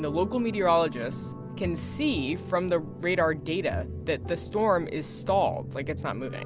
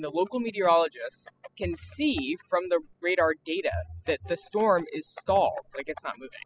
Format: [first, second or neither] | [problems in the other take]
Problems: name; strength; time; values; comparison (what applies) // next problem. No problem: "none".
first | noise reduction (classical method spectral subtraction)